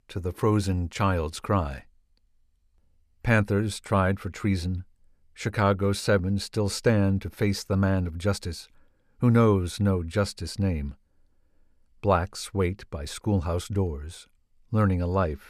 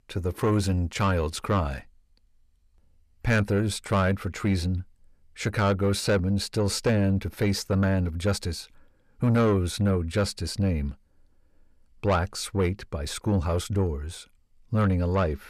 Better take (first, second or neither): first